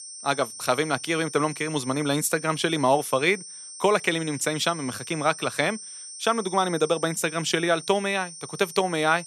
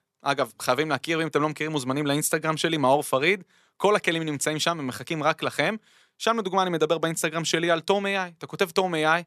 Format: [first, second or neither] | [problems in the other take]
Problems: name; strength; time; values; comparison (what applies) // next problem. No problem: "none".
second | high-pitched whine; noticeable; throughout; 8.5 kHz, 15 dB below the speech